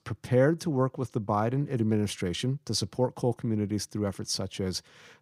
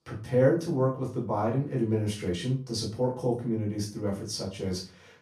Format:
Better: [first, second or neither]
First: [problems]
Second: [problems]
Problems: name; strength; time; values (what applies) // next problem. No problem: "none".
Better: first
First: none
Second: off-mic speech; far // room echo; slight; dies away in 0.3 s